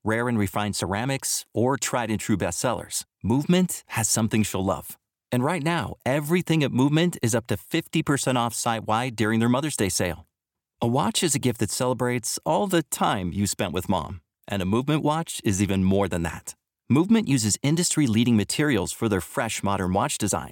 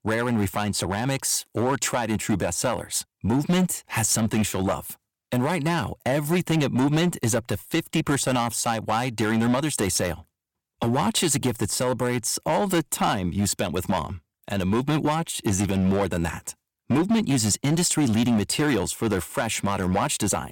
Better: first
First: none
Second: distortion; slight; 8% of the sound clipped

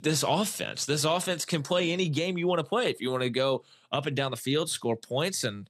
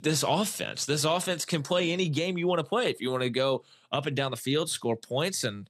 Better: neither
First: none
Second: none

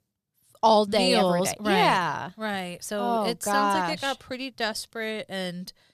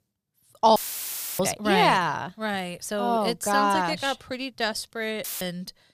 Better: first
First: none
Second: audio cutting out; filled with static; at 1 s for 0.5 s and at 5 s

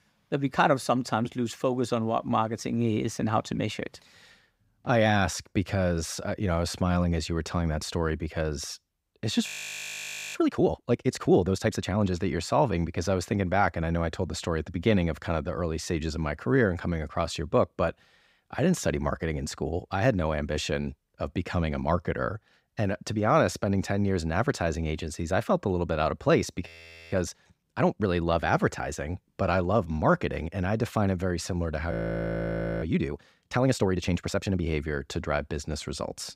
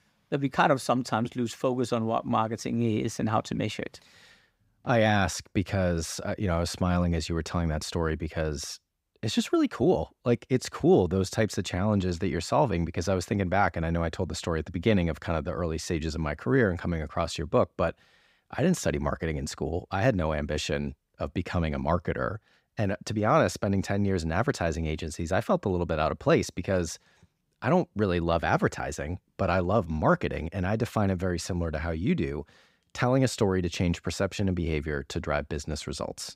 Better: second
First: audio freezing; at 9.5 s for 1 s, at 27 s and at 32 s for 1 s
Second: none

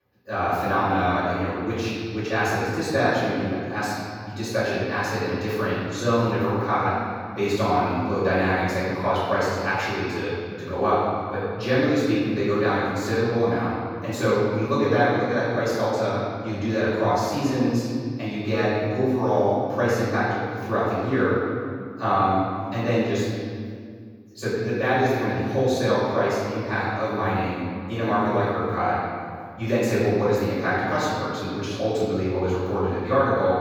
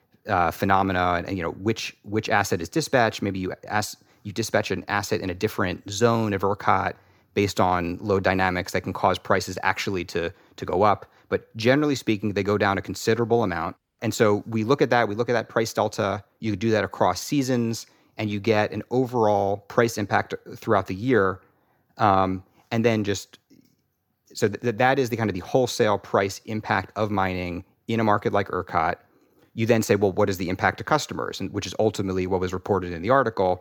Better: second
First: off-mic speech; far // room echo; strong; dies away in 2.1 s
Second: none

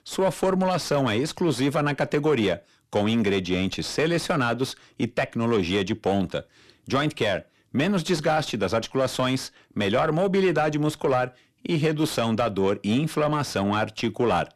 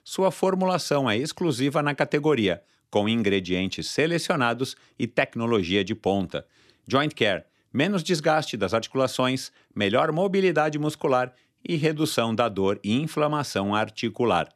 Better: second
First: distortion; slight; 10 dB below the speech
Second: none

